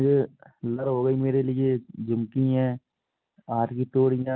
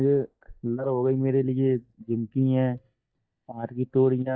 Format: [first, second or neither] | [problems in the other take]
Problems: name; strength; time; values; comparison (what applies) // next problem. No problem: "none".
first | noise reduction (neural mask model DeepFilterNet 3)